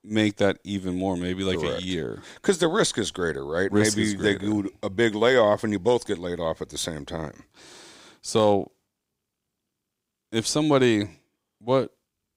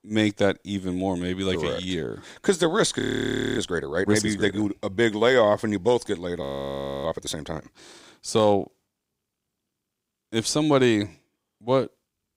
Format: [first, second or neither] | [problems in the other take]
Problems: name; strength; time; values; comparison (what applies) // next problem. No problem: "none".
first | audio freezing; at 3 s for 0.5 s and at 6.5 s for 0.5 s